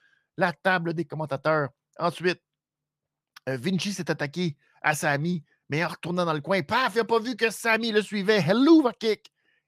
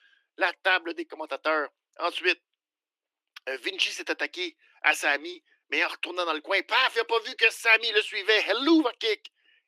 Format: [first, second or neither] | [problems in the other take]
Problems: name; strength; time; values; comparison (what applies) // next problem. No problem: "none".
first | thin; very; fading below 300 Hz